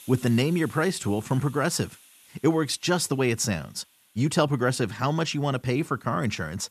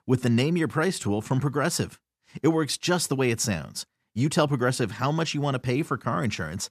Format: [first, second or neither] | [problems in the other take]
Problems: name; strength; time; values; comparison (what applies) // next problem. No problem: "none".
second | hiss; faint; throughout; 25 dB below the speech